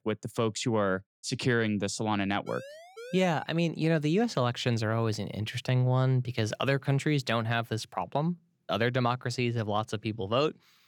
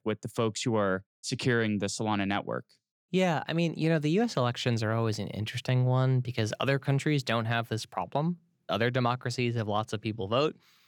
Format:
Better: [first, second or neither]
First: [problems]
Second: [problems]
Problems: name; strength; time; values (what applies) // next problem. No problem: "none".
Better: second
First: siren; faint; from 2.5 to 3.5 s; peak 15 dB below the speech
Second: none